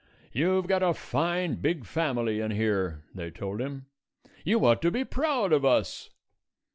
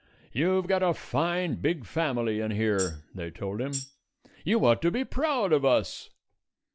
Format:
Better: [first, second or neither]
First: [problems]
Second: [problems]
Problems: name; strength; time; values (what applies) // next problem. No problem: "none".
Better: first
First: none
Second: background sound (Tambourine); 13 dB below the speech